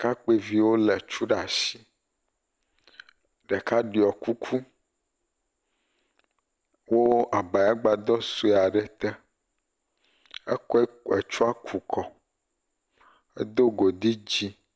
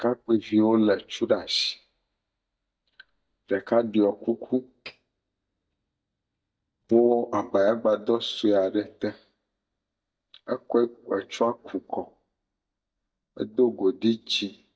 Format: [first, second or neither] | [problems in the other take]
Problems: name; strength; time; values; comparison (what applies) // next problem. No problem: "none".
first | noise reduction (neural mask model DeepFilterNet 3)